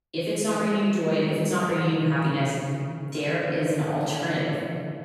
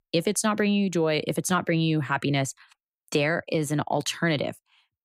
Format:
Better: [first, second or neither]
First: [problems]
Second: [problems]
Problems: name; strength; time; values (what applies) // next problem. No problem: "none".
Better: second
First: off-mic speech; far // room echo; strong; dies away in 2.5 s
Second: none